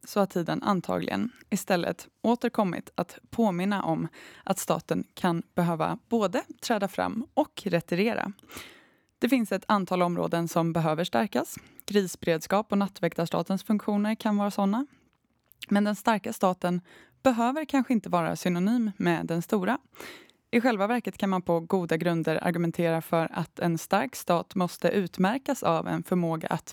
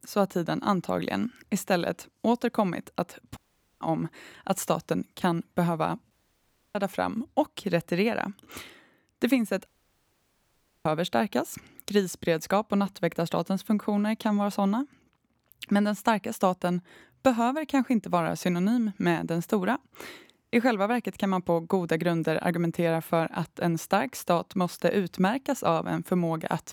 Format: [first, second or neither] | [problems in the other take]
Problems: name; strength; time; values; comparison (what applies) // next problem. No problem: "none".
first | audio cutting out; at 3.5 s, at 6 s for 0.5 s and at 9.5 s for 1 s